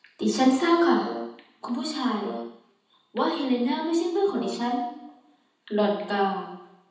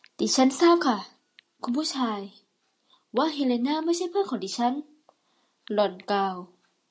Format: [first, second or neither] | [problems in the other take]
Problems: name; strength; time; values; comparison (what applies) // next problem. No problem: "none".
second | background sound (Brass instrument); 14 dB below the speech // room echo; dies away in 0.9 s